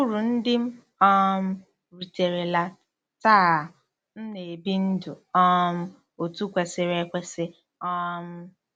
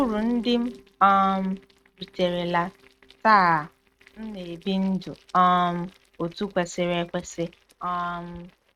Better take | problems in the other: first | noise reduction (neural mask model RNNoise)

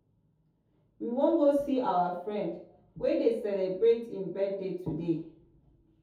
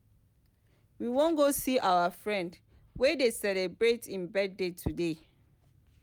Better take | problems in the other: second | room echo; dies away in 0.6 s

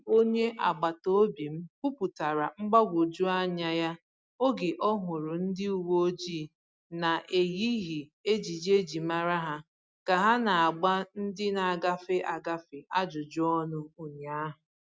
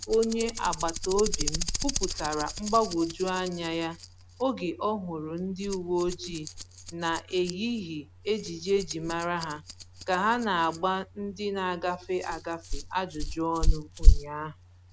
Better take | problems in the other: first | background sound (Rattle); as loud as the speech

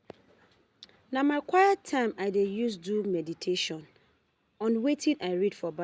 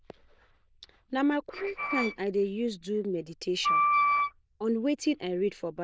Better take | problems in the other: first | noise reduction (neural diffusion model UNIVERSE++)

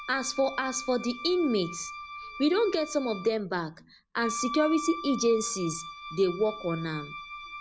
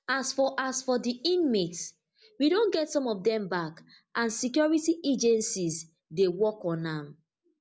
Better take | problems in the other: second | background sound (Wind instrument, woodwind instrument); 11 dB below the speech

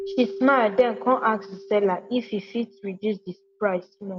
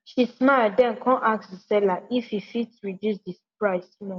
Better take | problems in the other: second | background sound (Keyboard (musical)); 15 dB below the speech

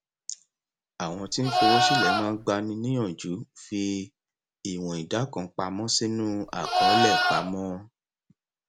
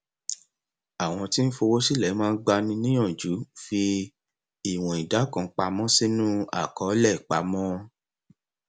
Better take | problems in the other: second | background sound (Livestock, farm animals, working animals); 5 dB above the speech

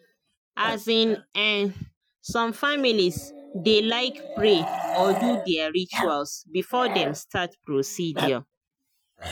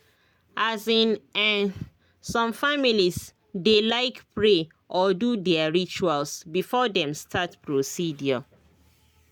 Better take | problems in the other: second | noise reduction (classical method Wiener filter)

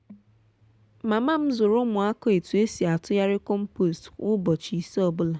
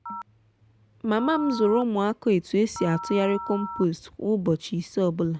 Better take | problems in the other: first | background sound (Telephone); 13 dB below the speech

